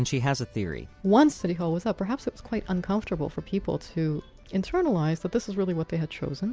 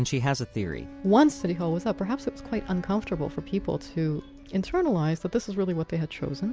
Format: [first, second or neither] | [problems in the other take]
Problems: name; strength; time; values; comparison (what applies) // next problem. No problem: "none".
first | background sound (Wind instrument, woodwind instrument); 19 dB below the speech